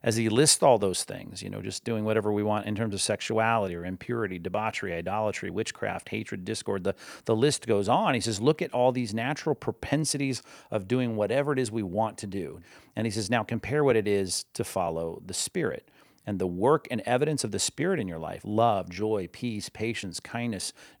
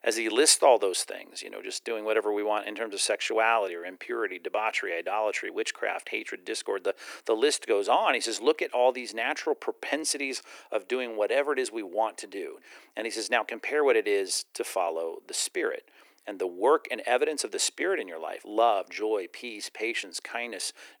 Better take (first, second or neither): first